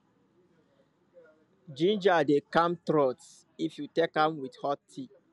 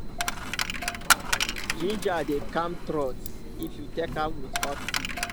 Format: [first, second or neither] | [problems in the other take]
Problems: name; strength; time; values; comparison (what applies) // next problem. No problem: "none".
first | background sound (Coin (dropping)); 3 dB above the speech